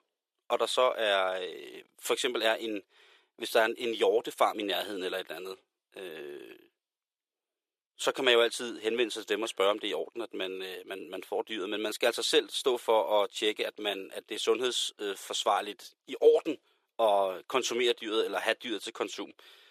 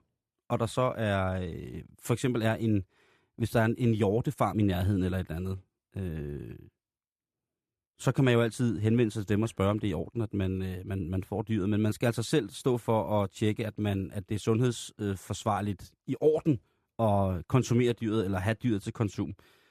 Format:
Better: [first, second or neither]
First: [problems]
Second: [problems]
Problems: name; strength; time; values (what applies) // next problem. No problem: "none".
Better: second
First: thin; very; fading below 400 Hz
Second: none